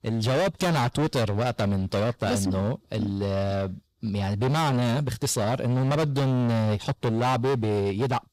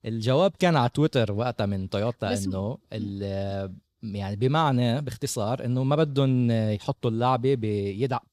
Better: second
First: distortion; heavy; 25% of the sound clipped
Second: none

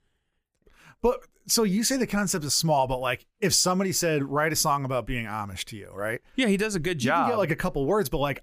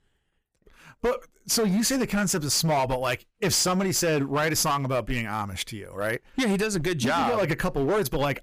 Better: first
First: none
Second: distortion; slight; 13% of the sound clipped

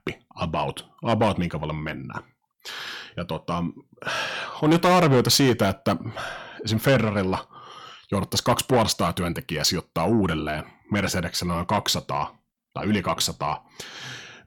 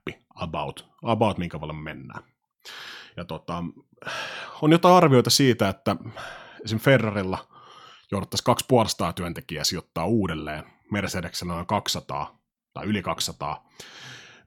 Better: second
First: distortion; heavy; 8 dB below the speech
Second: none

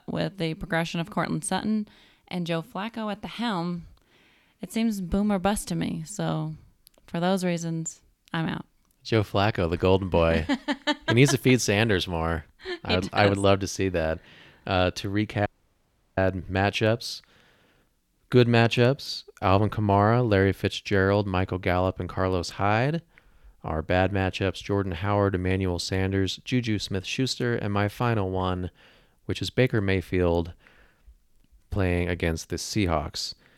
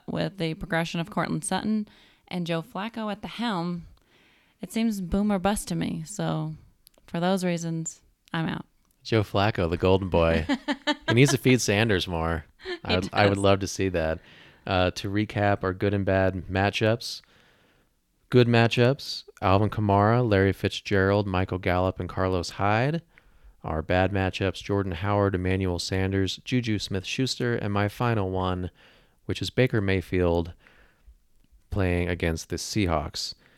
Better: second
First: audio cutting out; at 15 s for 0.5 s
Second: none

